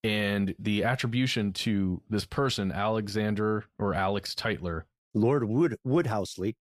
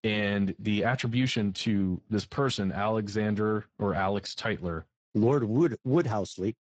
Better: first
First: none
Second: garbled, watery; badly; nothing above 8 kHz

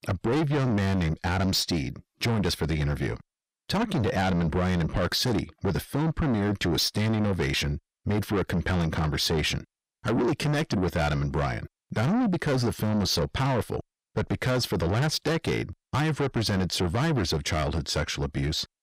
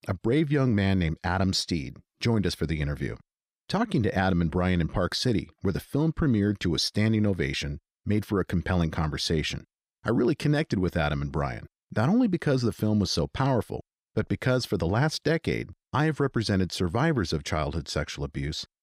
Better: second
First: distortion; heavy; 7 dB below the speech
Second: none

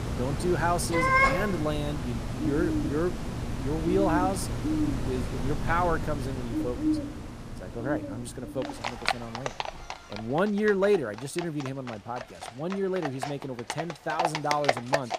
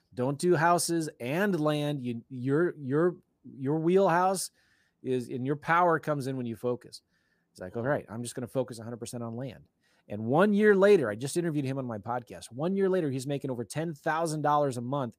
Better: second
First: animal sounds; loud; throughout; as loud as the speech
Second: none

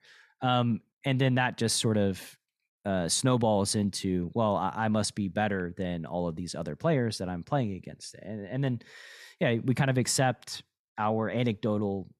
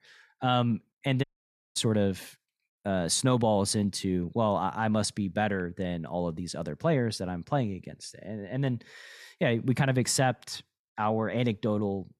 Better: first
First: none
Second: audio cutting out; at 1 s for 0.5 s

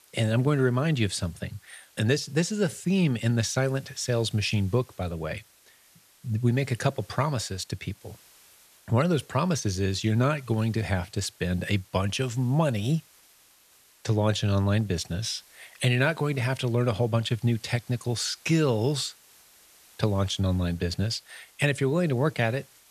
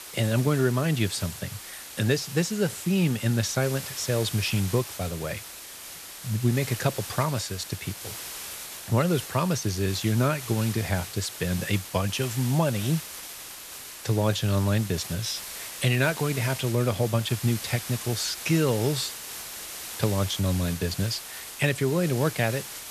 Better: first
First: hiss; faint; throughout; 25 dB below the speech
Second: hiss; loud; throughout; 10 dB below the speech

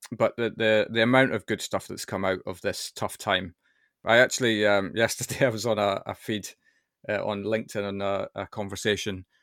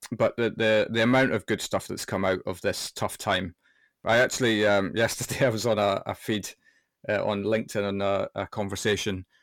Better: first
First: none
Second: distortion; slight; 10 dB below the speech

